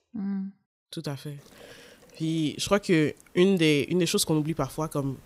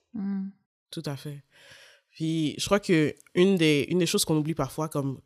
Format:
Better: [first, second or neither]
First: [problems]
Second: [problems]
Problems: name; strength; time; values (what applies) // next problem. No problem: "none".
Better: second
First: hiss; faint; from 1.5 s on; 30 dB below the speech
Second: none